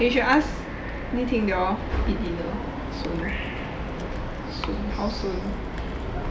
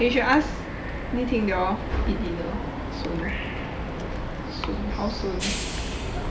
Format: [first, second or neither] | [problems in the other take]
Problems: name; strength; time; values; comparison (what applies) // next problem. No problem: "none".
first | background sound (Train); 13 dB below the speech